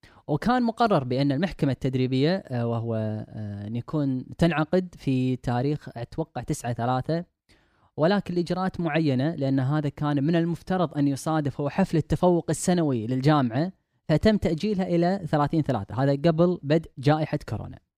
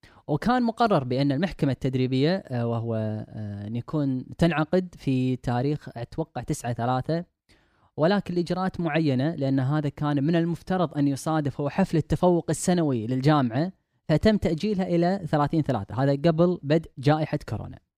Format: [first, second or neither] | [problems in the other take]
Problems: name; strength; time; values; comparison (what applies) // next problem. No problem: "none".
neither | none